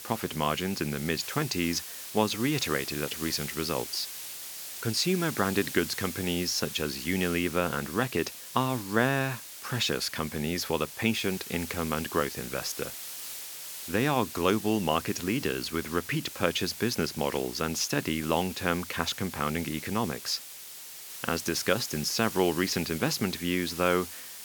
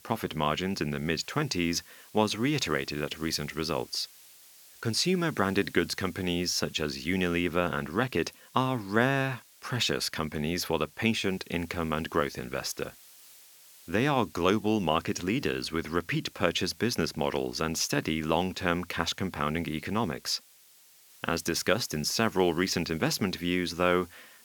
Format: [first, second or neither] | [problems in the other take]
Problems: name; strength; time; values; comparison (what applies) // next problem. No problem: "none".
second | hiss; loud; throughout; 9 dB below the speech; faint in the second